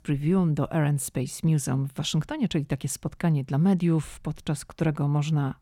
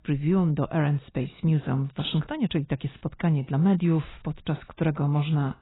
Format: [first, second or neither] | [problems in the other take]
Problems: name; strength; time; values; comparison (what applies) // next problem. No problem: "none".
first | garbled, watery; badly; nothing above 4 kHz